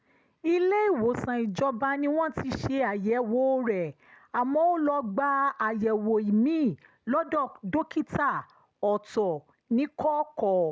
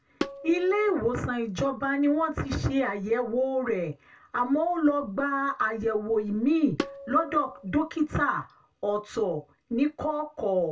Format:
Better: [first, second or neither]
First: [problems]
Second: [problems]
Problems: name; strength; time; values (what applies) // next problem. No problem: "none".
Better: first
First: none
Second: background sound (Tabla); 10 dB below the speech // room echo; dies away in 0.2 s